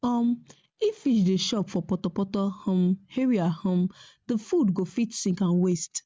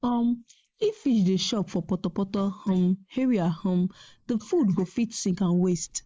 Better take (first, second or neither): first